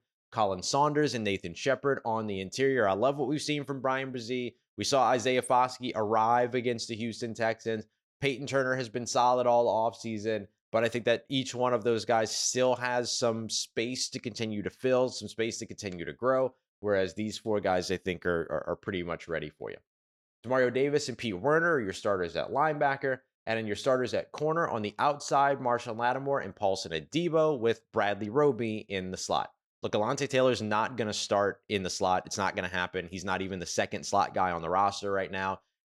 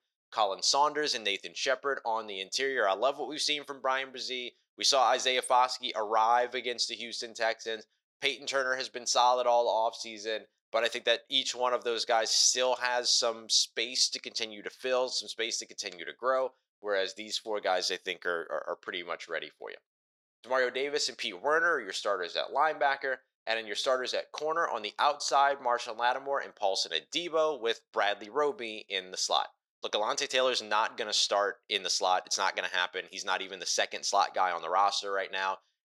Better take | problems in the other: first | thin; somewhat; fading below 600 Hz

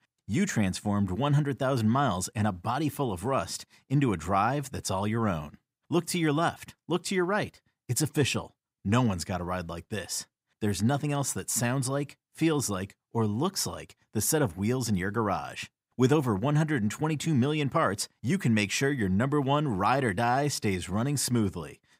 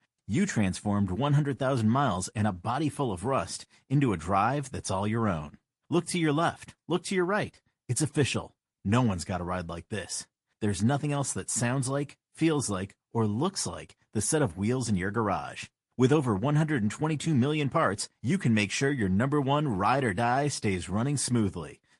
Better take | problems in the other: first | garbled, watery; slightly; nothing above 11 kHz

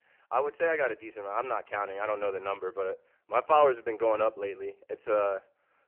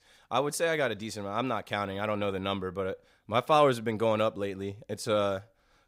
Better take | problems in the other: second | phone-call audio; poor line; nothing above 3 kHz

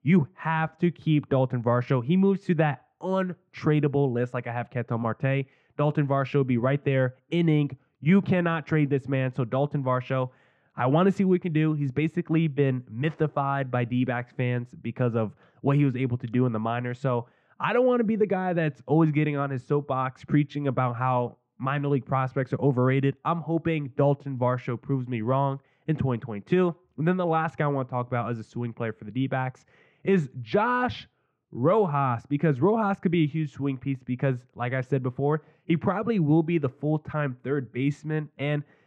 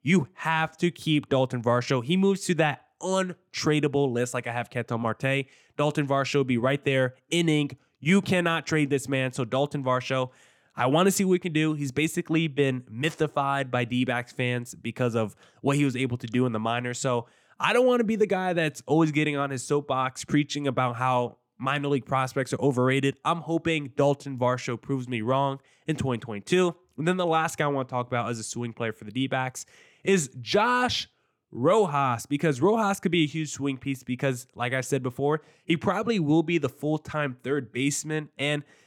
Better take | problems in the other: second | muffled; very; fading above 2 kHz

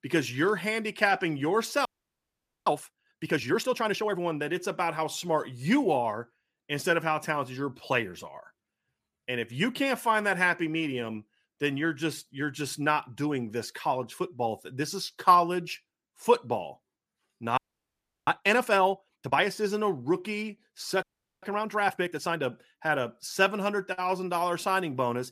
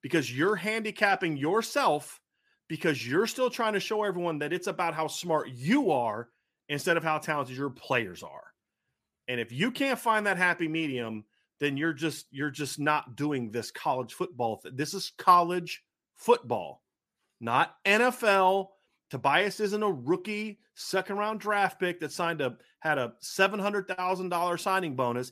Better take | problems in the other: second | audio freezing; at 2 s for 1 s, at 18 s for 0.5 s and at 21 s

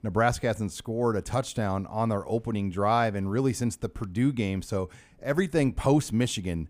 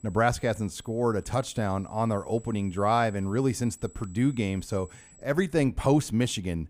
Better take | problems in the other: first | high-pitched whine; faint; until 5 s; 8 kHz, 25 dB below the speech

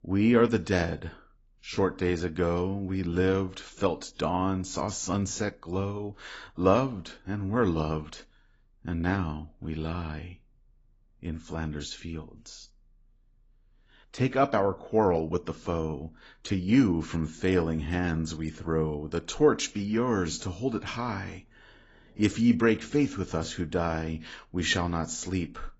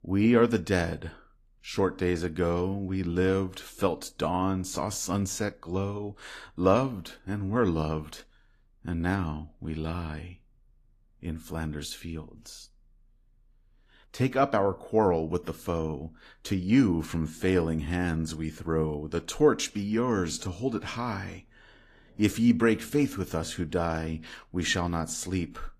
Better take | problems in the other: second | garbled, watery; badly; nothing above 7.5 kHz; slightly in the second

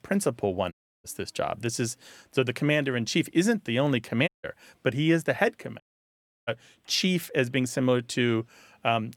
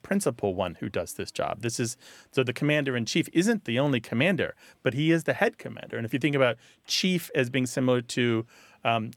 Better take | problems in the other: second | audio cutting out; at 0.5 s, at 4.5 s and at 6 s for 0.5 s

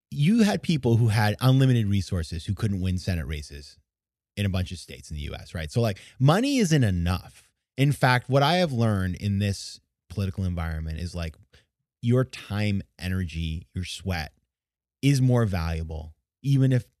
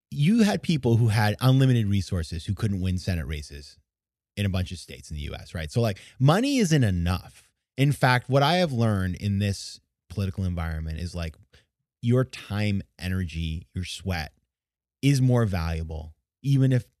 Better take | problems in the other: neither | none

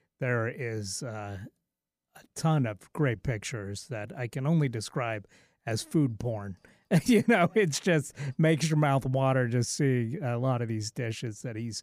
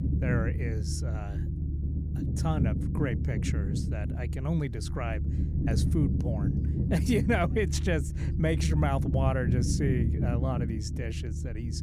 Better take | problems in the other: first | low rumble; loud; throughout; 6 dB below the speech

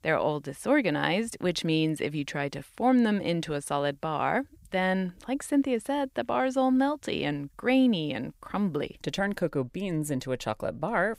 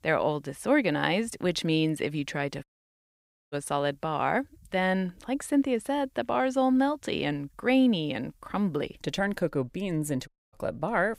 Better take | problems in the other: first | audio cutting out; at 2.5 s for 1 s and at 10 s

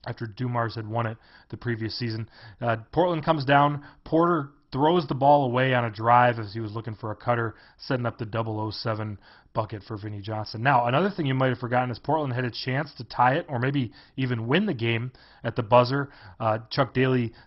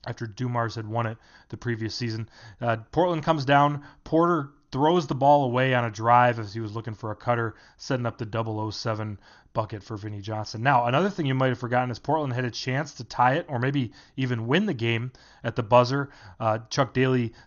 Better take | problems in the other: second | garbled, watery; badly; nothing above 5.5 kHz; slightly in the second

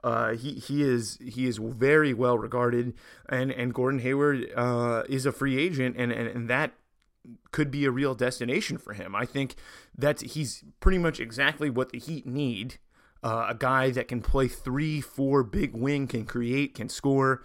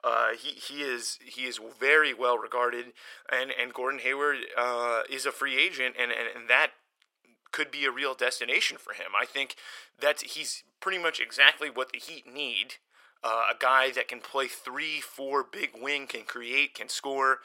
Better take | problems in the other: first | thin; very; fading below 550 Hz

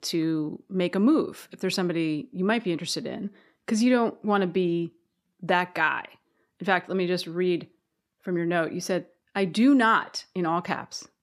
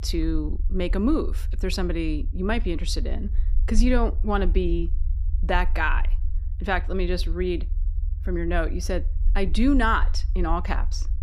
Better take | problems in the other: first | low rumble; faint; throughout; 25 dB below the speech

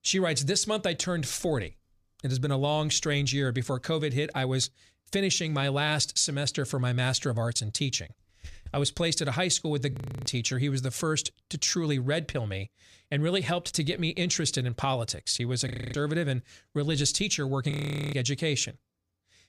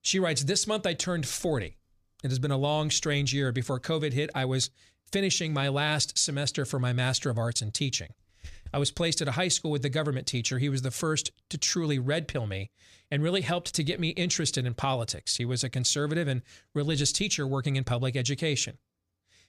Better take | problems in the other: second | audio freezing; at 10 s, at 16 s and at 18 s

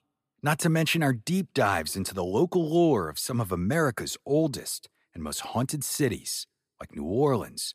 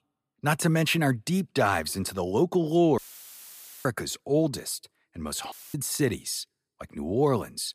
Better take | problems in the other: first | audio cutting out; filled with static; at 3 s for 1 s and at 5.5 s

